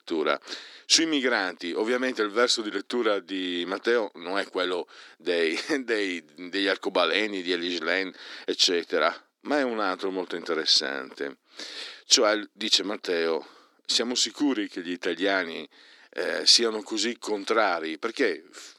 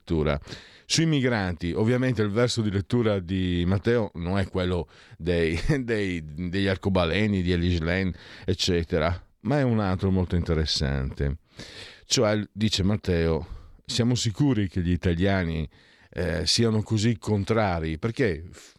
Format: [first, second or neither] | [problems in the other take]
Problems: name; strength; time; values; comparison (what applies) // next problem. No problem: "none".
second | thin; somewhat; fading below 300 Hz